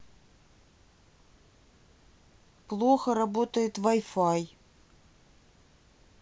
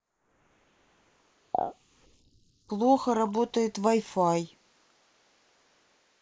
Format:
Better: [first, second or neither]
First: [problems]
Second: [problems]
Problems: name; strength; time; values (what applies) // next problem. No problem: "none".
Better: first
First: none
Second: noise reduction (neural mask model Resemble Enhance denoiser)